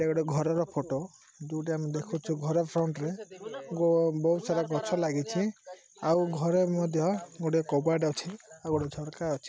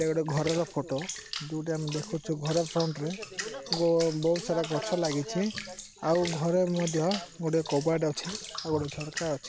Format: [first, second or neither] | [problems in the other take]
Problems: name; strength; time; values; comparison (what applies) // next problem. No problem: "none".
first | background sound (Bathtub (filling or washing) / Water); 12 dB below the speech